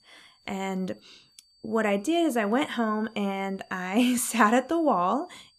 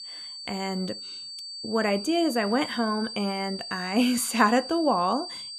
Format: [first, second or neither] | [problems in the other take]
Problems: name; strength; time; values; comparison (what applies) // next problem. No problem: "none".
first | high-pitched whine; loud; throughout; 4.5 kHz, 9 dB below the speech; faint in the first